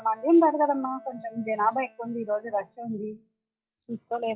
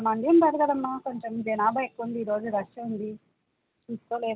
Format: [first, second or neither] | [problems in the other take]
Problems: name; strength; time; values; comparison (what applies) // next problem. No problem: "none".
second | noise reduction (classical method log-MMSE)